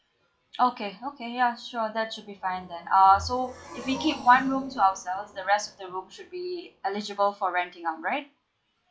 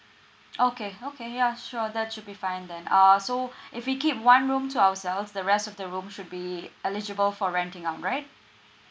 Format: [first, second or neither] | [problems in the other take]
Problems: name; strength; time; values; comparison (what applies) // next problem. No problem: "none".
second | noise reduction (classical method log-MMSE)